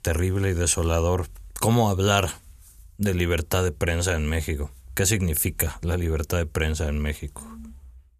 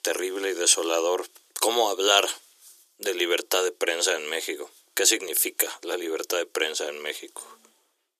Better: first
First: none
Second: thin; very; fading below 300 Hz

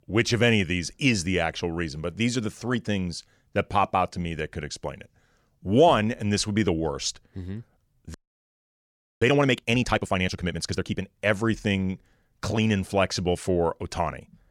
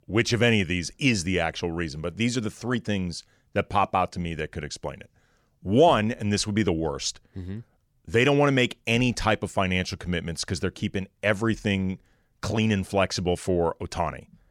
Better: second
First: audio freezing; at 8 s for 1 s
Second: none

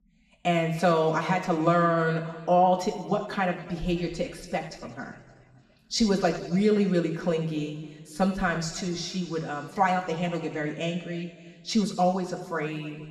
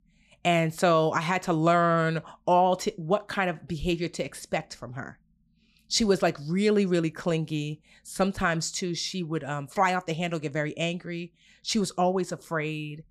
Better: second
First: room echo; slight; dies away in 1.9 s // off-mic speech; somewhat distant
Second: none

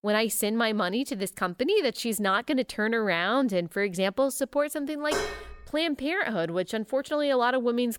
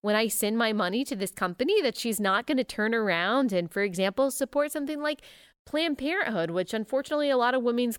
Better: second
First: clattering dishes; noticeable; at 5 s; peak 4 dB below the speech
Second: none

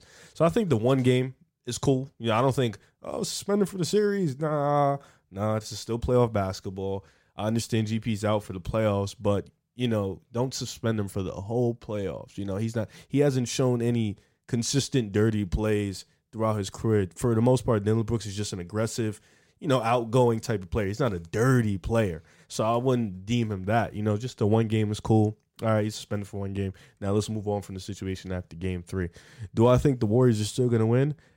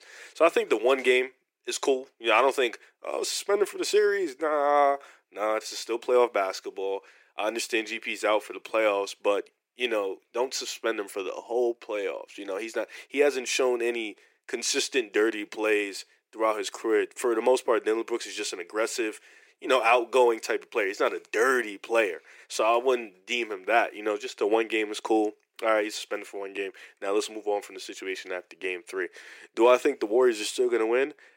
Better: first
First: none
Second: thin; very; fading below 350 Hz

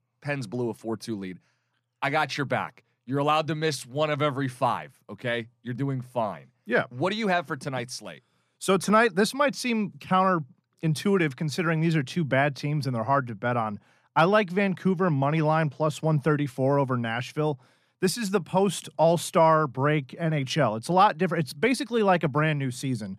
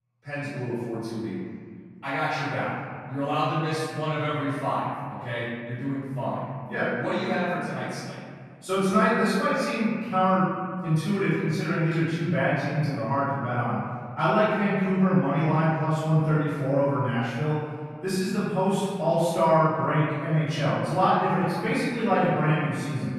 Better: first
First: none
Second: off-mic speech; far // room echo; strong; dies away in 1.9 s

